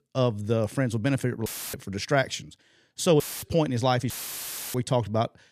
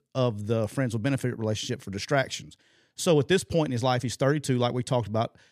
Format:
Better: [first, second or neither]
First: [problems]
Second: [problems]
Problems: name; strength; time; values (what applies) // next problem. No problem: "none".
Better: second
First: audio cutting out; filled with static; at 1.5 s, at 3 s and at 4 s for 0.5 s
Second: none